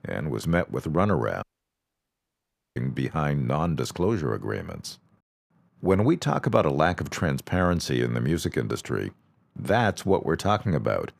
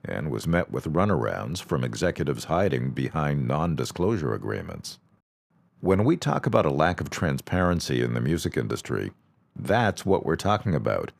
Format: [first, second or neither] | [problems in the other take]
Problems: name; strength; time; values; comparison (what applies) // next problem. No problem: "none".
second | audio cutting out; at 1.5 s for 1.5 s